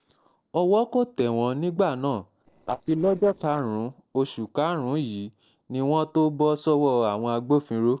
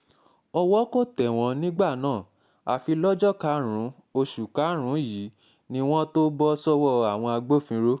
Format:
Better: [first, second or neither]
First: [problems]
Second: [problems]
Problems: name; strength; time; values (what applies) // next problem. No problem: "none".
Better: second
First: noise reduction (neural separator model SepFormer DNS4)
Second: none